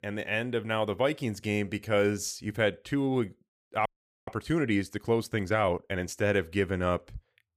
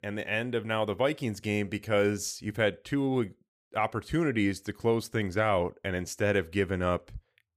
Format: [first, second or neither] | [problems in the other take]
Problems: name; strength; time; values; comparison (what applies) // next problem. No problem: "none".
second | audio freezing; at 4 s